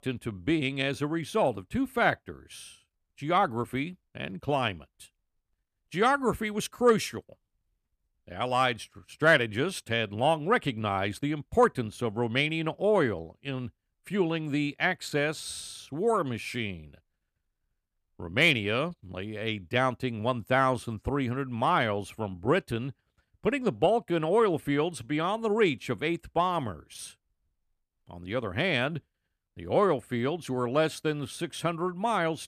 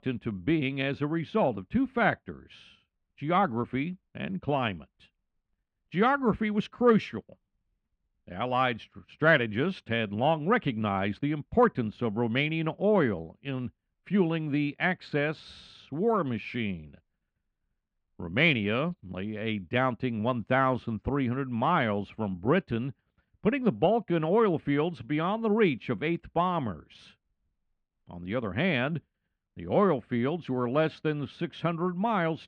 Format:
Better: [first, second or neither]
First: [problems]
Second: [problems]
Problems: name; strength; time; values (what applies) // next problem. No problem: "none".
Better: first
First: none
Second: muffled; slightly; fading above 3 kHz